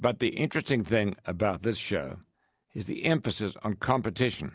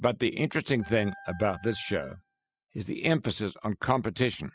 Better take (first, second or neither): first